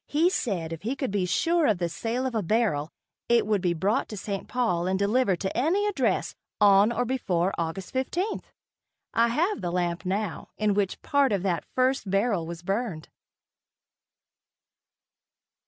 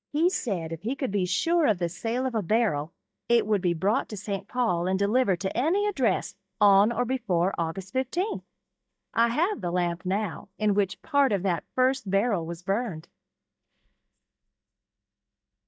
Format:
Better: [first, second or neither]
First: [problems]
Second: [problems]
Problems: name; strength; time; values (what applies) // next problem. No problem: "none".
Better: first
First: none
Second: noise reduction (neural mask model DeepFilterNet 3)